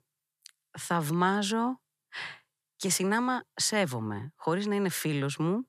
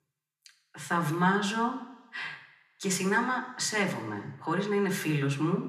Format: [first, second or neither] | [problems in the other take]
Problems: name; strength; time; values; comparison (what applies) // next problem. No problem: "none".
first | room echo; slight; dies away in 0.8 s // off-mic speech; somewhat distant